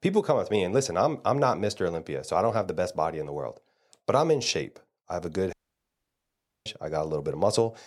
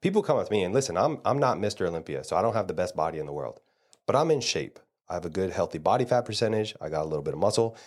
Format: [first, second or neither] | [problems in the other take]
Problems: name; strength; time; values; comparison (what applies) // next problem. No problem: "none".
second | audio cutting out; at 5.5 s for 1 s